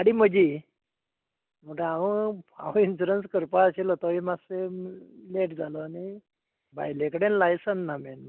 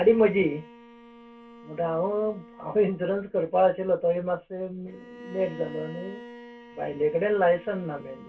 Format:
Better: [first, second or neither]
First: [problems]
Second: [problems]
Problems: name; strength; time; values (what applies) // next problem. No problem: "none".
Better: first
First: none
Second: background sound (Bowed string instrument); 19 dB below the speech // room echo; dies away in 0.2 s